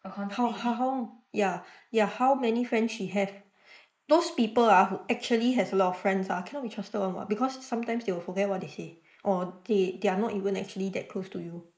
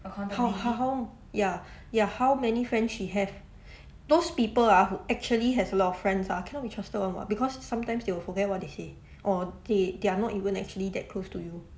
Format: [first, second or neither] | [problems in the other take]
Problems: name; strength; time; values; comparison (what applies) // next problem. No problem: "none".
second | noise reduction (neural mask model Resemble Enhance denoiser)